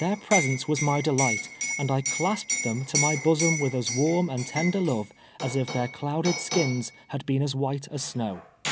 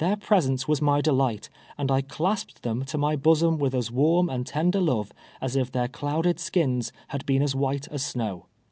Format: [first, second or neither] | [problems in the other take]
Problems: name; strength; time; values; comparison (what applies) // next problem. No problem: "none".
second | background sound (Liquid); 6 dB below the speech